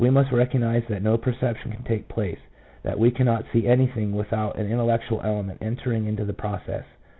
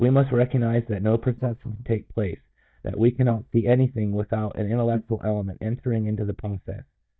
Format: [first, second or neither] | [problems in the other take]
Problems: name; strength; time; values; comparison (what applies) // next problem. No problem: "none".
first | noise reduction (neural mask model DeepFilterNet 3)